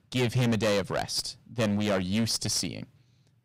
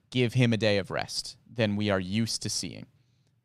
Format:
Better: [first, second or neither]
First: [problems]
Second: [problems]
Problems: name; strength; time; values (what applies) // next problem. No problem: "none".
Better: second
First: distortion; heavy; 12% of the sound clipped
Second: none